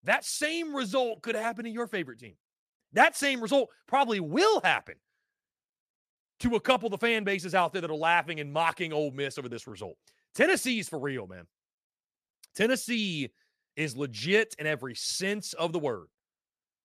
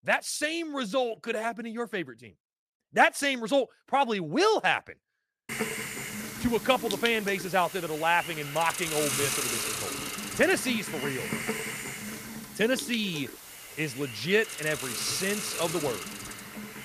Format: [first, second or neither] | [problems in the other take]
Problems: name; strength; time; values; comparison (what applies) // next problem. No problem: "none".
first | hiss; loud; from 5.5 s on; 6 dB below the speech